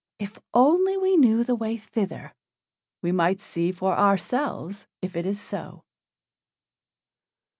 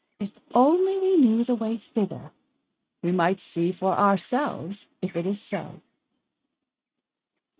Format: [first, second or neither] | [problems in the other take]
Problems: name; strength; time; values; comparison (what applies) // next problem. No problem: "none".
first | noise reduction (neural mask model RNNoise)